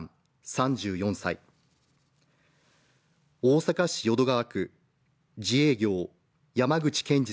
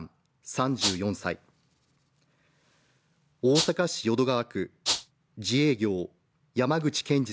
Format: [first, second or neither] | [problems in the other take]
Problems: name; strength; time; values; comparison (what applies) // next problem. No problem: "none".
first | background sound (Rattle (instrument)); as loud as the speech